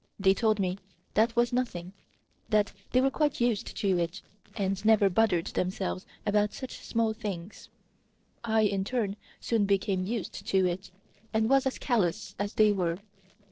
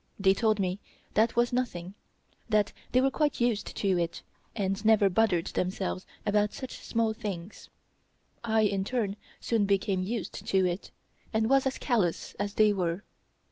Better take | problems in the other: second | noise reduction (neural separator model SepFormer DNS4)

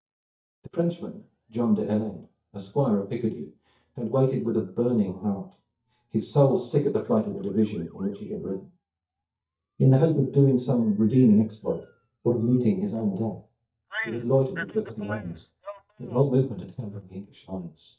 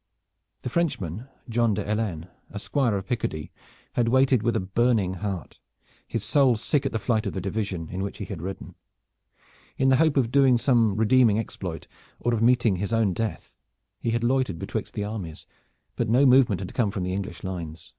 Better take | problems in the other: second | noise reduction (neural mask model DeepFilterNet 3)

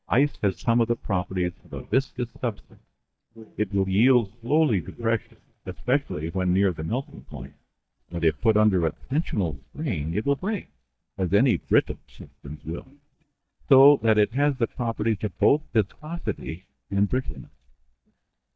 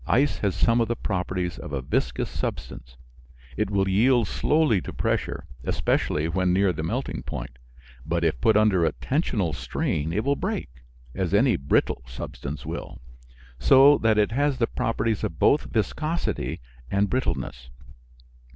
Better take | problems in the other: second | noise reduction (neural mask model DeepFilterNet 3)

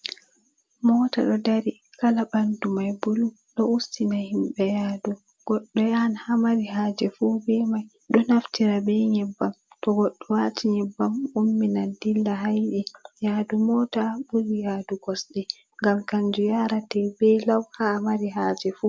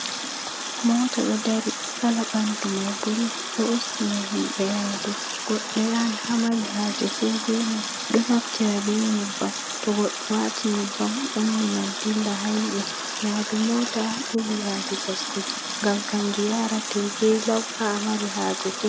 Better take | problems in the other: first | background sound (Water tap, faucet); 5 dB below the speech

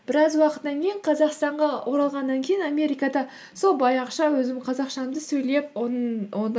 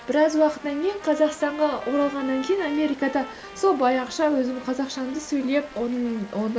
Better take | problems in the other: first | background sound (Rain + Trumpet); 17 dB below the speech

